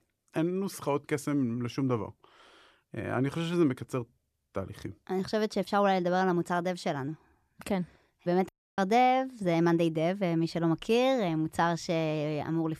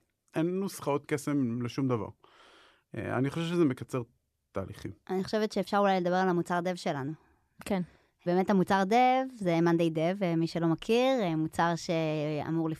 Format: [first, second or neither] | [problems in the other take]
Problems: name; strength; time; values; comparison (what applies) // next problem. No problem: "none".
second | audio cutting out; at 8.5 s